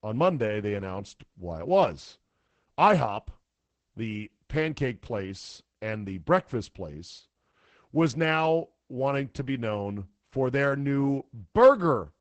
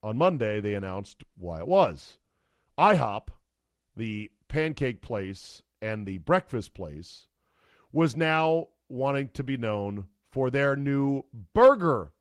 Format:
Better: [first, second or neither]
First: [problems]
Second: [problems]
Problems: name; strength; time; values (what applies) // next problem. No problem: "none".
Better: second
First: garbled, watery; badly; nothing above 8 kHz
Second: garbled, watery; slightly